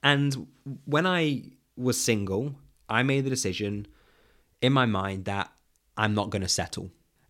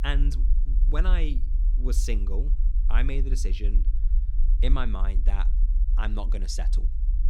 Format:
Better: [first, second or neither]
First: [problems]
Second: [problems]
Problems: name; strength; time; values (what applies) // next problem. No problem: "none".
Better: first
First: none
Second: low rumble; noticeable; throughout; 15 dB below the speech